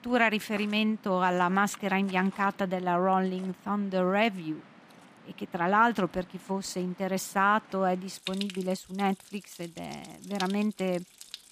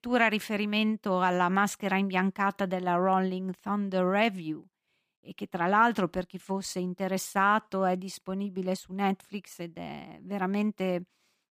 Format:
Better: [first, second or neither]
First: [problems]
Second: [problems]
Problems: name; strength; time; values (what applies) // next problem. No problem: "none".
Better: second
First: rain or running water; noticeable; throughout; 20 dB below the speech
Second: none